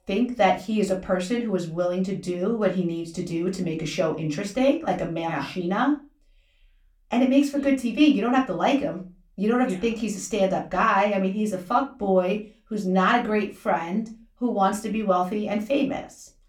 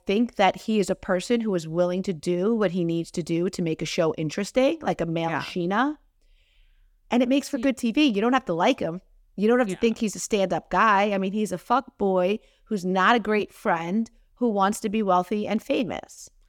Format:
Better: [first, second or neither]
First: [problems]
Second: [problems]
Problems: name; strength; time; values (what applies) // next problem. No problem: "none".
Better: second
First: off-mic speech; somewhat distant // room echo; very slight; dies away in 0.2 s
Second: none